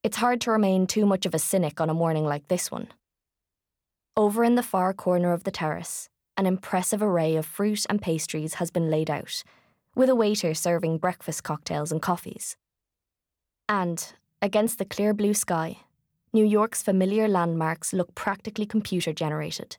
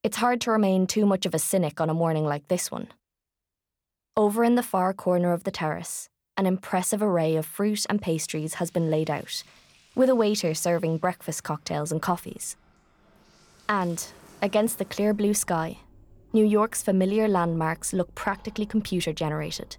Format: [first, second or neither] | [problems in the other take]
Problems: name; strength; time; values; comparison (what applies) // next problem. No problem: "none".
first | household noises; faint; from 8 s on; 30 dB below the speech